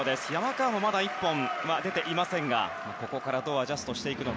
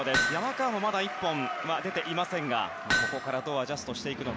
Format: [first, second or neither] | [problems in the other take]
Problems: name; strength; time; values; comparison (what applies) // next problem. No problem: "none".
first | background sound (Hammer); 3 dB below the speech